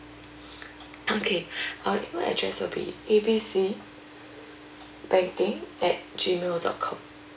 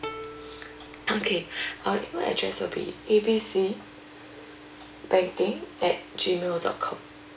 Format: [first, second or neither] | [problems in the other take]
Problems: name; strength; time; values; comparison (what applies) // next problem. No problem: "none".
first | background sound (Plucked string instrument); 15 dB below the speech